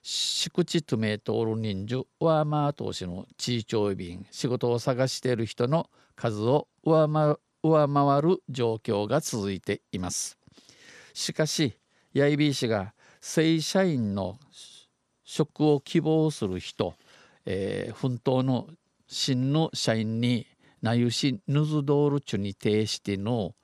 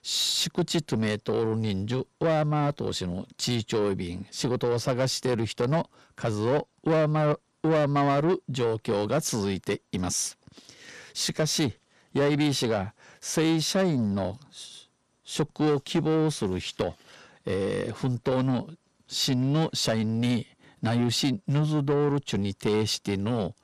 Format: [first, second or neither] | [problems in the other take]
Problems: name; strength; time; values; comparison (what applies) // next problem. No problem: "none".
first | distortion; slight; 10 dB below the speech